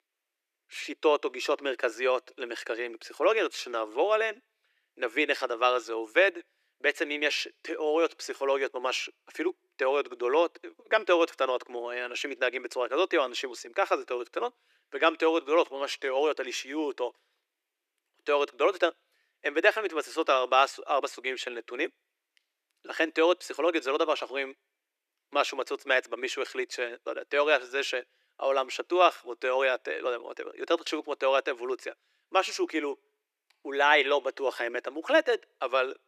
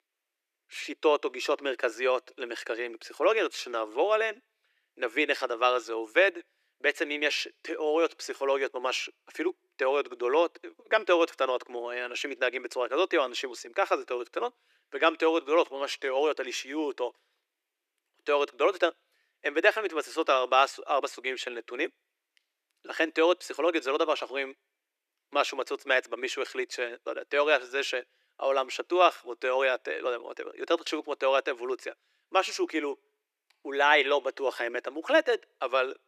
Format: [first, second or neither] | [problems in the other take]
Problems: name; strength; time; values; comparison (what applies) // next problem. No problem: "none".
neither | thin; very; fading below 350 Hz; the same in both